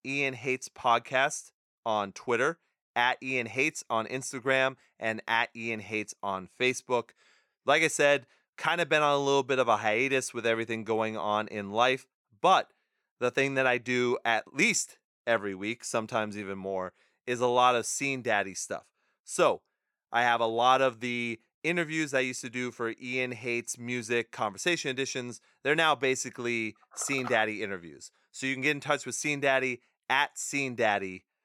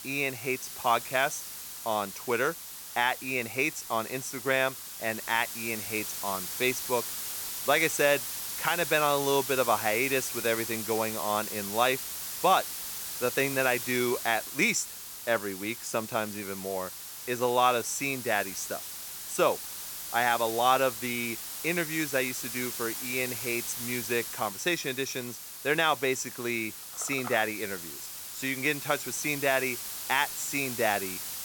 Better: first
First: none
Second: hiss; loud; throughout; 6 dB below the speech

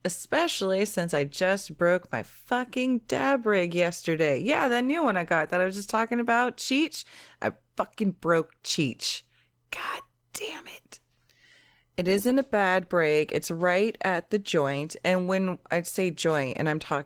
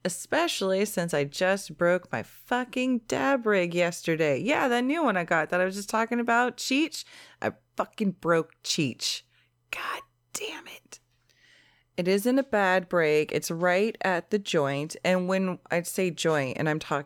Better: second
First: garbled, watery; slightly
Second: none

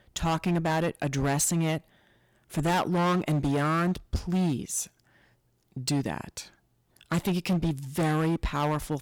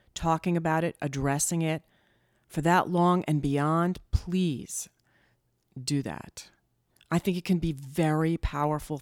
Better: second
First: distortion; heavy; 13% of the sound clipped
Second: none

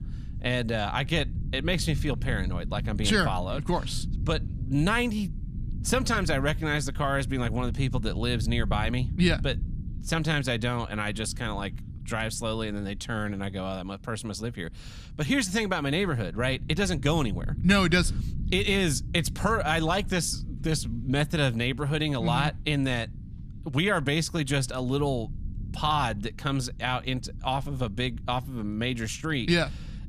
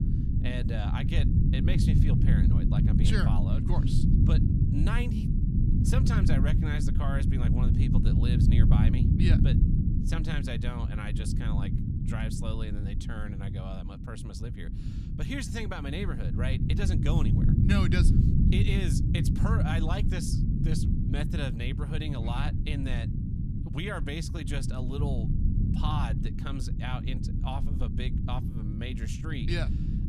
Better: first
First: low rumble; faint; throughout; 20 dB below the speech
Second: low rumble; loud; throughout; 1 dB below the speech

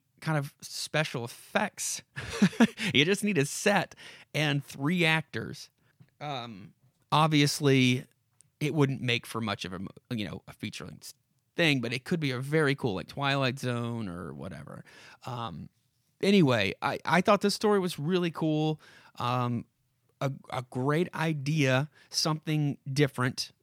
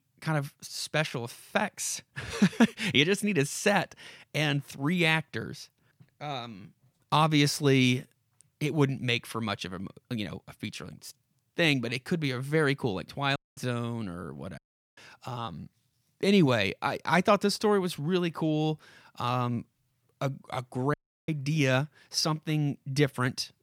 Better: first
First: none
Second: audio cutting out; at 13 s, at 15 s and at 21 s

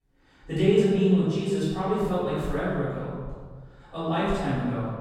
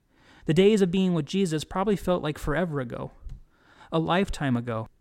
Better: second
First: off-mic speech; far // room echo; strong; dies away in 1.5 s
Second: none

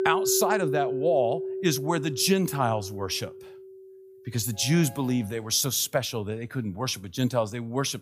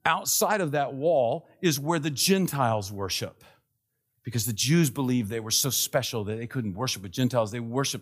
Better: second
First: background music; loud; until 5 s; 6 dB below the speech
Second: none

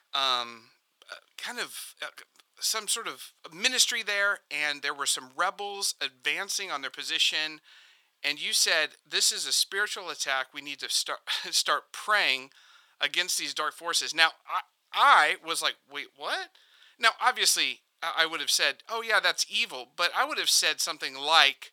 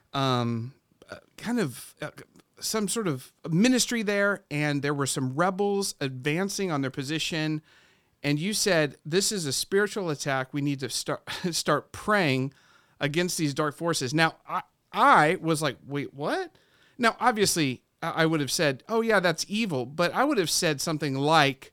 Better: second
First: thin; very; fading below 950 Hz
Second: none

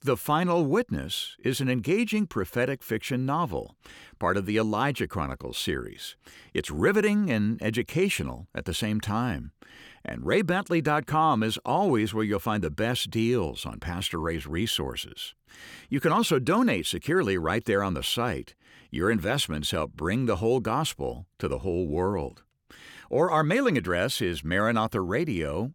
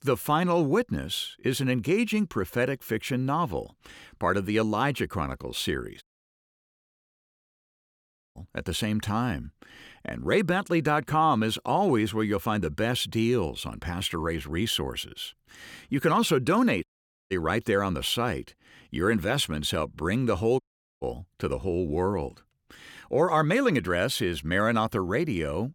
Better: first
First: none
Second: audio cutting out; at 6 s for 2.5 s, at 17 s and at 21 s

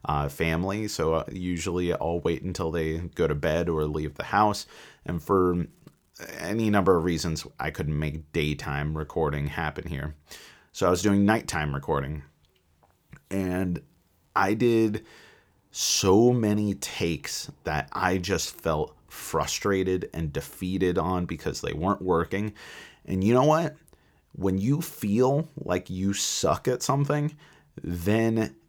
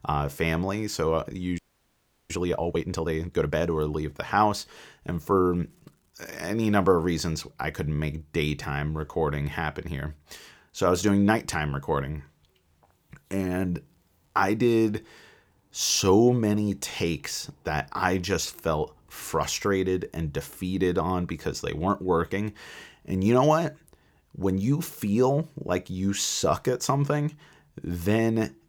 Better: first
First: none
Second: audio freezing; at 1.5 s for 0.5 s

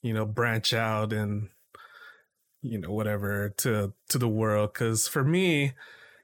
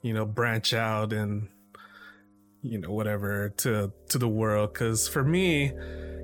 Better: first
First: none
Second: background music; noticeable; throughout; 15 dB below the speech

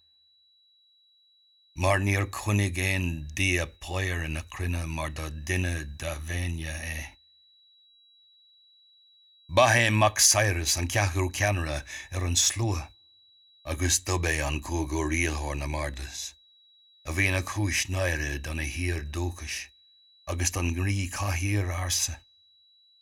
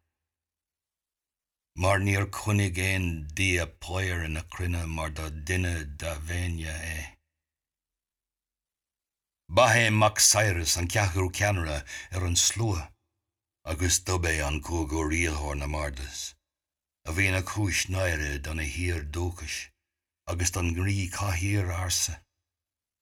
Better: second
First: high-pitched whine; faint; throughout; 4 kHz, 30 dB below the speech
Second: none

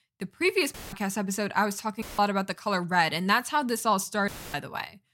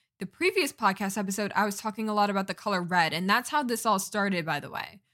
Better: second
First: audio cutting out; filled with static; at 0.5 s, at 2 s and at 4.5 s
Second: none

